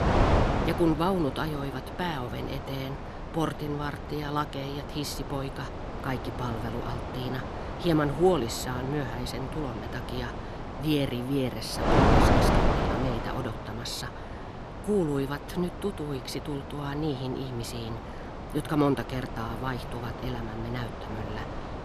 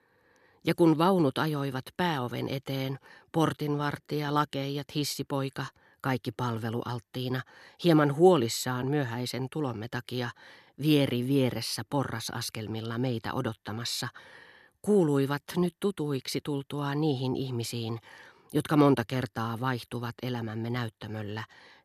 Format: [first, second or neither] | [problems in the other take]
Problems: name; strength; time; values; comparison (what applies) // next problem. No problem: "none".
second | wind noise on the microphone; heavy; as loud as the speech